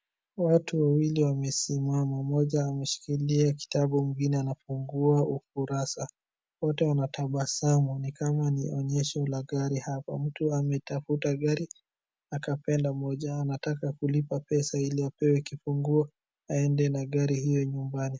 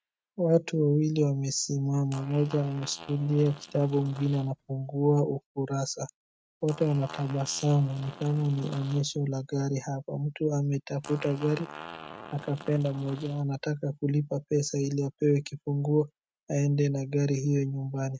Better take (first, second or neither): first